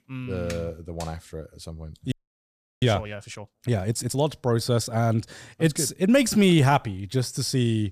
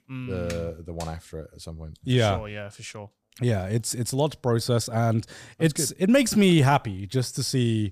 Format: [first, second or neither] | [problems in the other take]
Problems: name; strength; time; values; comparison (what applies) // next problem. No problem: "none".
second | audio freezing; at 2 s for 0.5 s